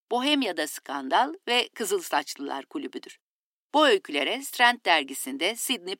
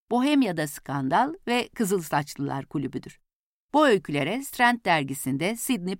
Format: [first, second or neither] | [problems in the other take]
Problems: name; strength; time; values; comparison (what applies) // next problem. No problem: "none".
second | thin; very slightly; fading below 300 Hz